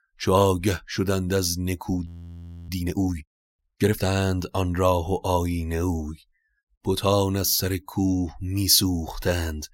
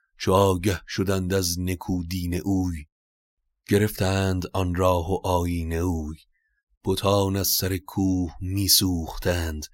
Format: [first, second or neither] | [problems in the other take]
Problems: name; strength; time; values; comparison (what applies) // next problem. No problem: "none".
second | audio freezing; at 2 s for 0.5 s